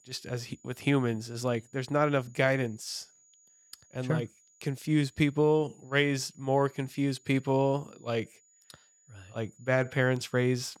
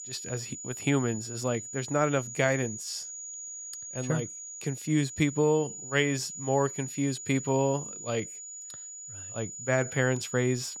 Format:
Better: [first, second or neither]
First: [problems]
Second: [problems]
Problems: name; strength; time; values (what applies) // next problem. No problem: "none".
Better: first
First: high-pitched whine; faint; throughout; 7 kHz, 30 dB below the speech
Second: high-pitched whine; loud; throughout; 7 kHz, 9 dB below the speech